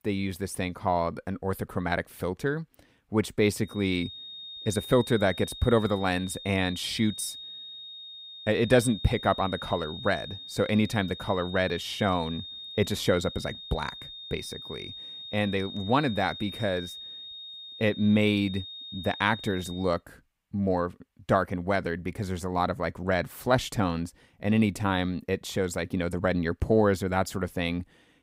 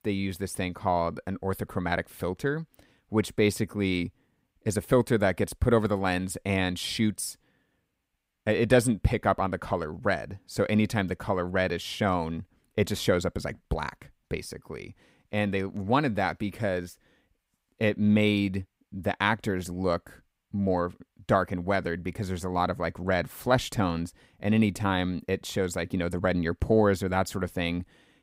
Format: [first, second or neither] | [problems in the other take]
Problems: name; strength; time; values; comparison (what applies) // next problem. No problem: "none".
second | high-pitched whine; noticeable; from 3.5 to 20 s; 3.5 kHz, 10 dB below the speech